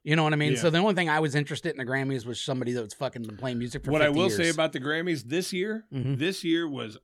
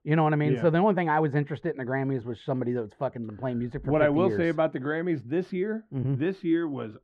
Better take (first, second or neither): first